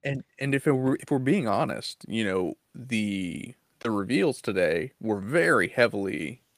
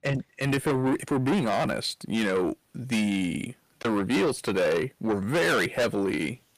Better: first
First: none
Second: distortion; heavy; 6 dB below the speech

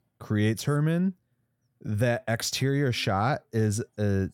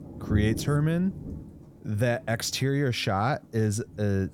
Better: first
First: none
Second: rain or running water; loud; throughout; 8 dB below the speech

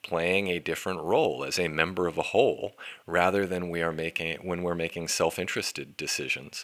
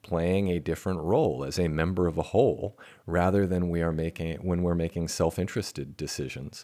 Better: second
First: thin; somewhat; fading below 700 Hz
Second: none

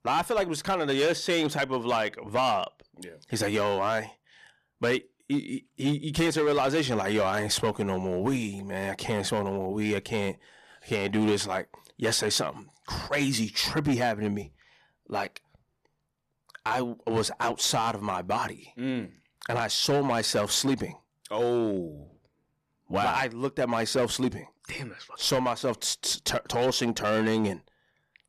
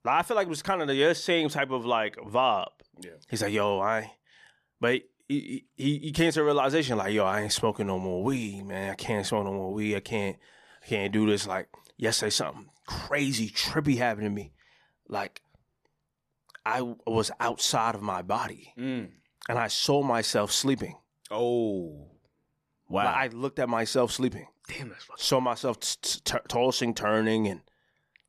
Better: second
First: distortion; slight; 6% of the sound clipped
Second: none

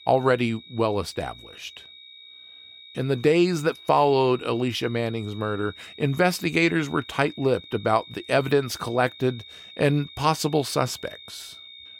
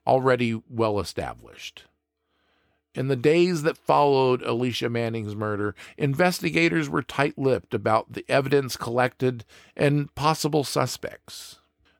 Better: second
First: high-pitched whine; noticeable; throughout; 3.5 kHz, 20 dB below the speech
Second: none

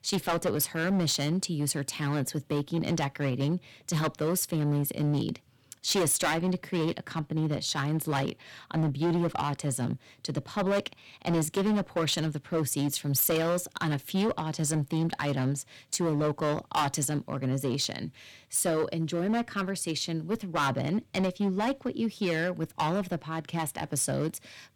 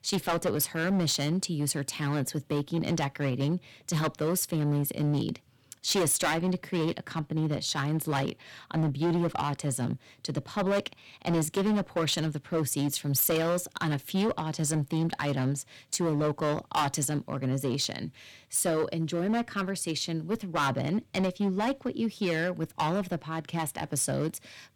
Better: neither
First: distortion; heavy; 10% of the sound clipped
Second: distortion; heavy; 10% of the sound clipped

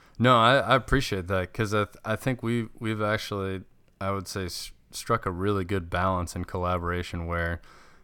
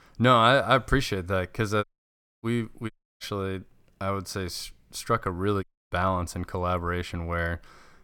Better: first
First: none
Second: audio cutting out; at 2 s for 0.5 s, at 3 s and at 5.5 s

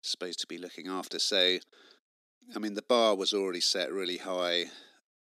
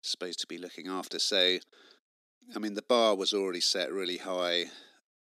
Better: neither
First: thin; somewhat; fading below 250 Hz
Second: thin; somewhat; fading below 250 Hz

